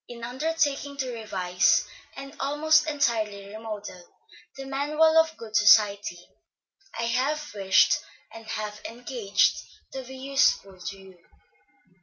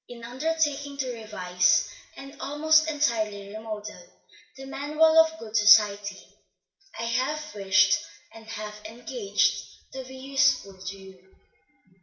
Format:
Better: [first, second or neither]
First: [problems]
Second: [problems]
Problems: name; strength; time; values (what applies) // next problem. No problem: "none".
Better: first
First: none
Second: room echo; dies away in 0.7 s